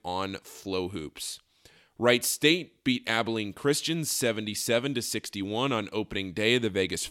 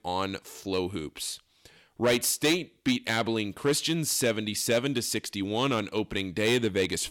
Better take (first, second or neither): first